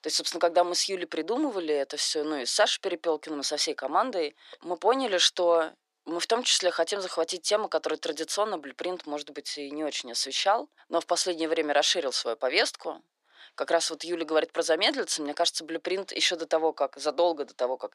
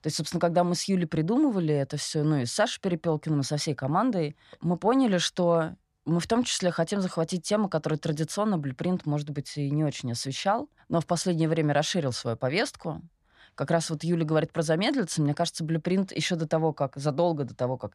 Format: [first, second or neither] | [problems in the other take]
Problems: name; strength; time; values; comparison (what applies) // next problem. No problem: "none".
second | thin; very; fading below 350 Hz